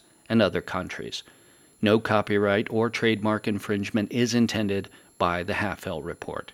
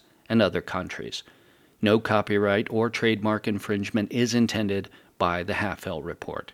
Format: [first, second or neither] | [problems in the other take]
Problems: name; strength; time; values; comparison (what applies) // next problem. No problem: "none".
second | high-pitched whine; faint; throughout; 11 kHz, 35 dB below the speech